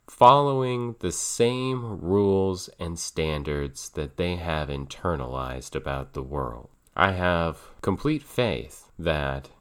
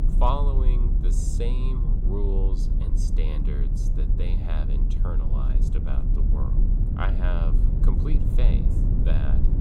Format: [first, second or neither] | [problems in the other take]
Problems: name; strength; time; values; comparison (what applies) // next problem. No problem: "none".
first | low rumble; loud; throughout; 4 dB below the speech